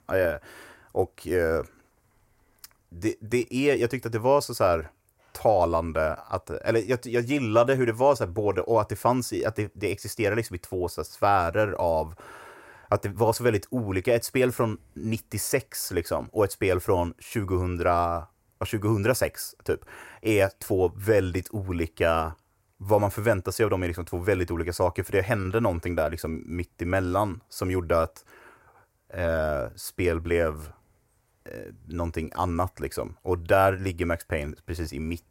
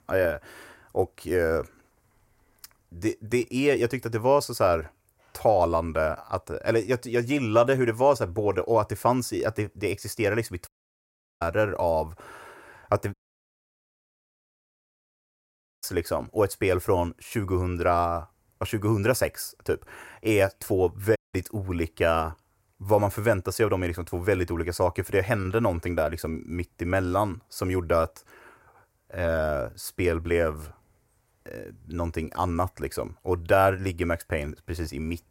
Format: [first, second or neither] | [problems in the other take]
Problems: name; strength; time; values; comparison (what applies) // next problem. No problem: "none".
first | audio cutting out; at 11 s for 0.5 s, at 13 s for 2.5 s and at 21 s